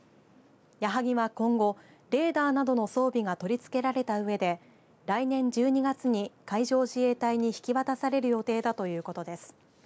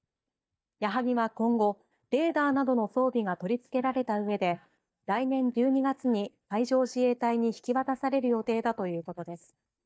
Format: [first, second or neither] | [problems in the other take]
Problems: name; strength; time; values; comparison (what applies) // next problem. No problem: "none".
first | noise reduction (neural mask model DeepFilterNet 3)